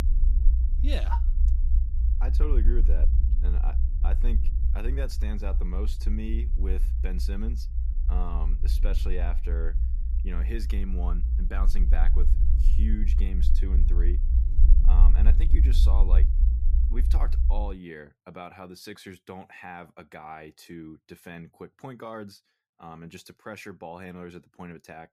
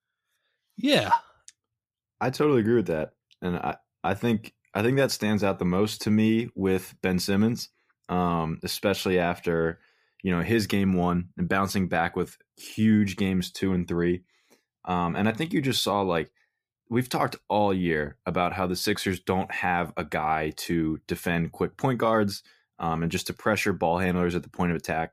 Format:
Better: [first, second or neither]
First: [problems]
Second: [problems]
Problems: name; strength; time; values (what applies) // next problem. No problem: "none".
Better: second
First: low rumble; loud; until 18 s; 6 dB below the speech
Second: none